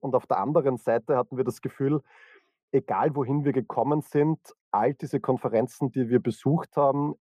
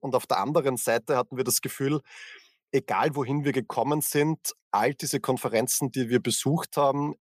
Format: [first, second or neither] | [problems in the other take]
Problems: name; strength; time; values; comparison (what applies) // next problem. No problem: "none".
second | muffled; very; fading above 2 kHz